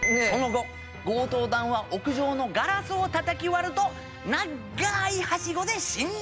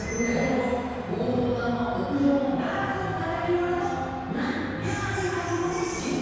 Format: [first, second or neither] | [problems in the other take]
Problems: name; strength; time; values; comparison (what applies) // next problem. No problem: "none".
first | background sound (Car passing by / Traffic noise, roadway noise / Engine); 15 dB below the speech // room echo; dies away in 2 s